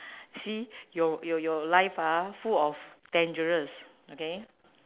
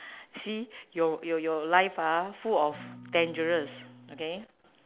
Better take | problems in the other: first | background sound (Acoustic guitar / Strum); 18 dB below the speech

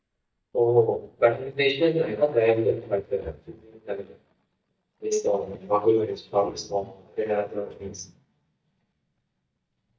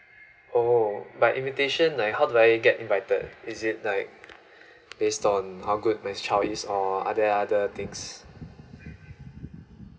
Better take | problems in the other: second | noise reduction (neural mask model DeepFilterNet 3)

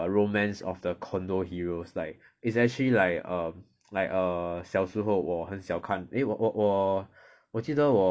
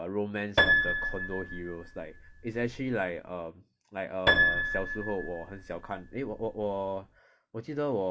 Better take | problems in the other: first | background sound (Piano); 4 dB above the speech

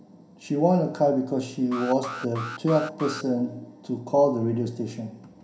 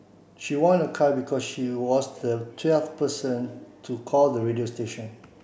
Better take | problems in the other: second | background sound (Alarm); 11 dB below the speech // room echo; dies away in 0.3 s

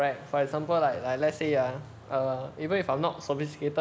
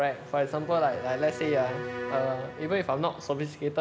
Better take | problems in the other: first | background sound (Bowed string instrument); 11 dB below the speech

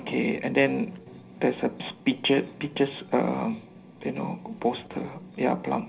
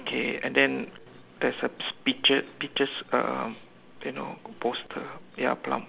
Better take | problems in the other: second | room echo; dies away in 0.4 s

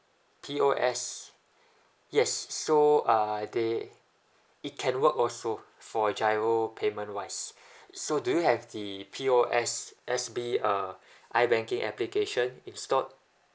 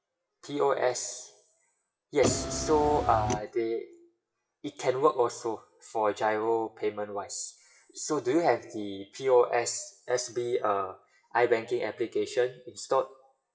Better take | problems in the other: first | noise reduction (classical method WPE with log-MMSE)

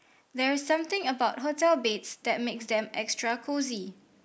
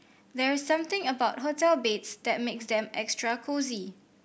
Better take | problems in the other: second | noise reduction (neural mask model Resemble Enhance denoiser)

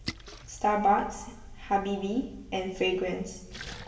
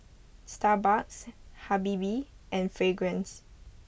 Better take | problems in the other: second | background sound (Splash, splatter); 17 dB below the speech // room echo; dies away in 0.9 s

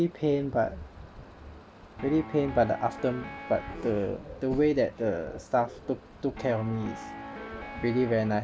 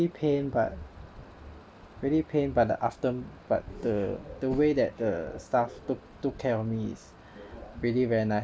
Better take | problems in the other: second | background sound (Guitar); 12 dB below the speech

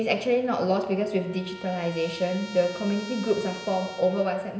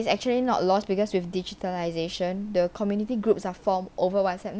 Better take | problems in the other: second | background sound (Trumpet); 16 dB below the speech // room echo; dies away in 0.9 s

